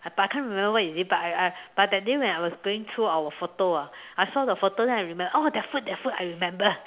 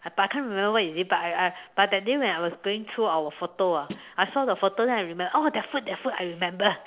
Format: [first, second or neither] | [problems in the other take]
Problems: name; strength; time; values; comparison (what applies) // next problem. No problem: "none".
first | noise reduction (neural separator model SepFormer DNS4)